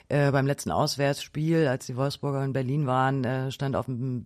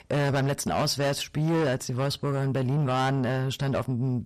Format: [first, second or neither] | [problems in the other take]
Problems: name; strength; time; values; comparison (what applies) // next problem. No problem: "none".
first | distortion; heavy; 7 dB below the speech